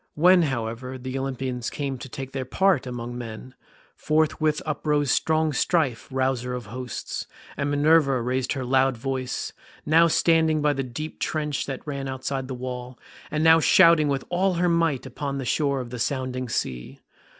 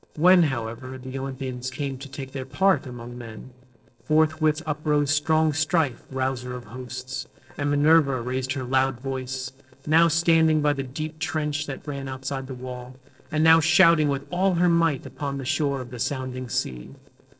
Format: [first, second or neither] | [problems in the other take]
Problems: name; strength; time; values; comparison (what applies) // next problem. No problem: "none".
first | noise reduction (neural separator model SepFormer DNS4)